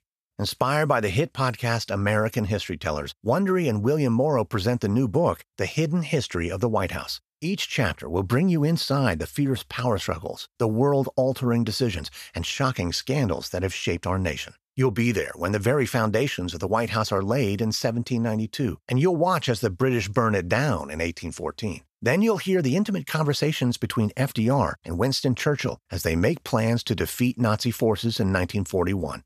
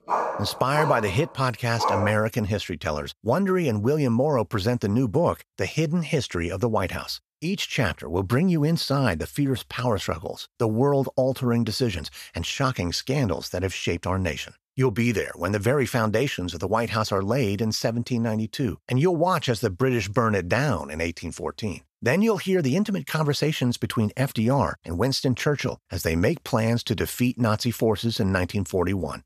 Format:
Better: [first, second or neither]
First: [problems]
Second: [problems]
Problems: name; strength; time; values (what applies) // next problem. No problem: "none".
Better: first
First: none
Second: dog barking; noticeable; until 2 s; peak 1 dB below the speech